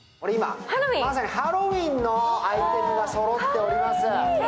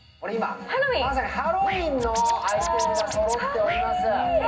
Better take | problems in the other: first | background sound (Scratching (performance technique)); 13 dB below the speech // room echo; dies away in 0.4 s

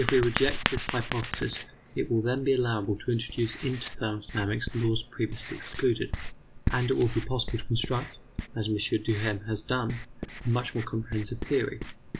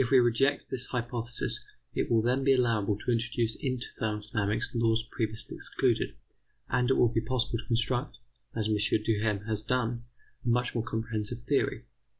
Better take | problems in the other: second | background sound (Writing); 8 dB below the speech

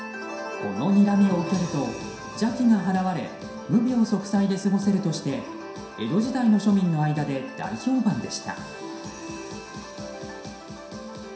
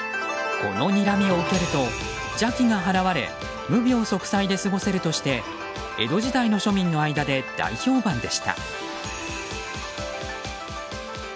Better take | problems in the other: second | room echo; dies away in 0.7 s

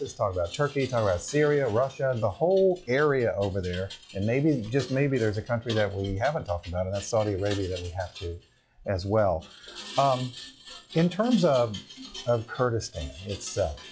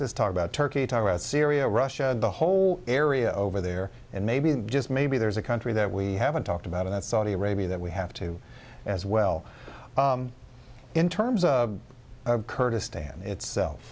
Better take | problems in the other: second | noise reduction (classical method log-MMSE)

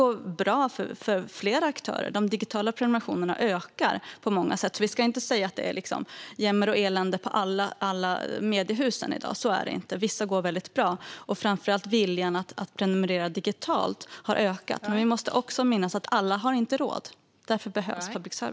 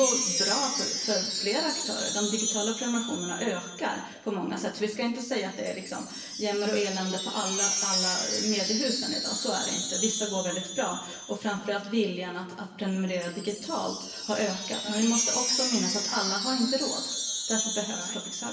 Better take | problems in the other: first | background sound (Wind chime); 2 dB below the speech // room echo; dies away in 1 s

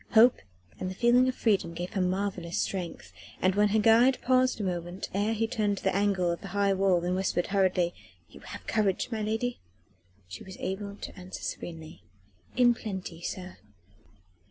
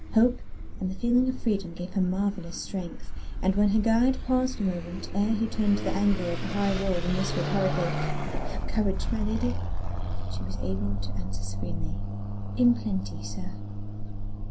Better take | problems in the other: first | background sound (Car passing by / Accelerating, revving, vroom); as loud as the speech // room echo; dies away in 0.3 s

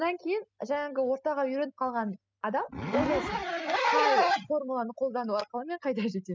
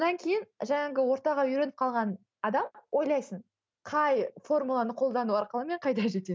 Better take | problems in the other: second | noise reduction (classical method spectral subtraction)

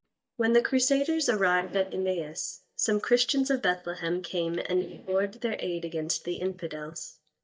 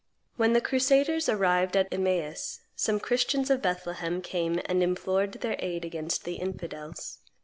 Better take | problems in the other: second | noise reduction (neural mask model DeepFilterNet 3)

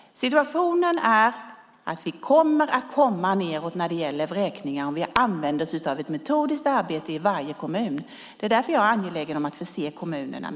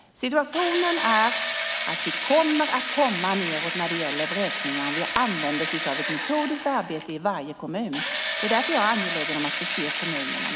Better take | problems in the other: first | background sound (Engine / Drill); 3 dB below the speech

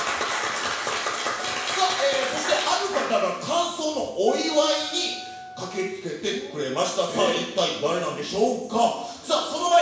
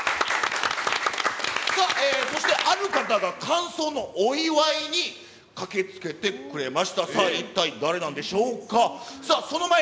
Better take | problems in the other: second | background sound (Wind instrument, woodwind instrument); 17 dB below the speech // room echo; dies away in 0.7 s

